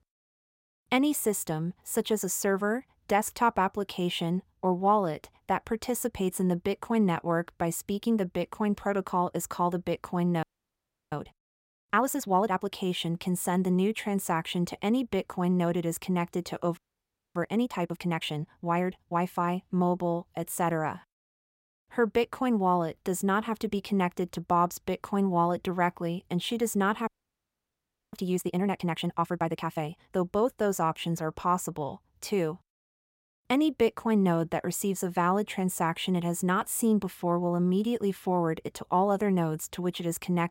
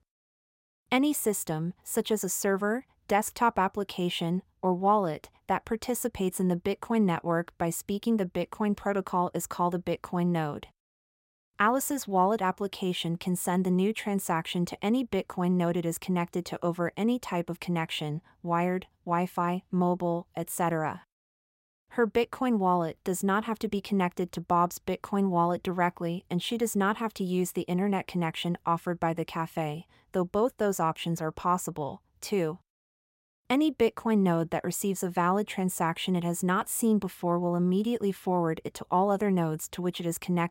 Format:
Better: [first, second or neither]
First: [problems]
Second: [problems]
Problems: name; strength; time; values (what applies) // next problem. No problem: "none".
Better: second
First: audio freezing; at 10 s for 0.5 s, at 17 s for 0.5 s and at 27 s for 1 s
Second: none